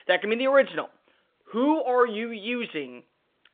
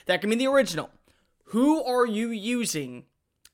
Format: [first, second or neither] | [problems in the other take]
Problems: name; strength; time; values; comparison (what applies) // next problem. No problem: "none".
second | phone-call audio